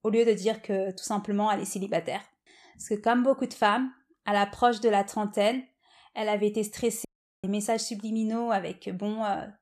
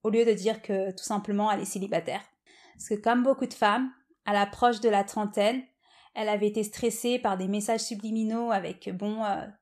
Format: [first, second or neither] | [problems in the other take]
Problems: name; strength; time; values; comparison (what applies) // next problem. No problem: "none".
second | audio cutting out; at 7 s